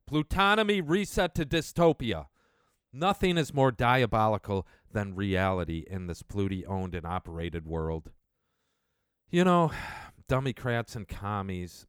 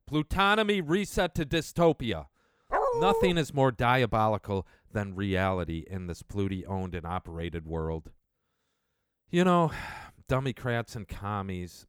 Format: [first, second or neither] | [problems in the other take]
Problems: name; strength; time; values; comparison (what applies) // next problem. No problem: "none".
first | dog barking; loud; at 2.5 s; peak 2 dB above the speech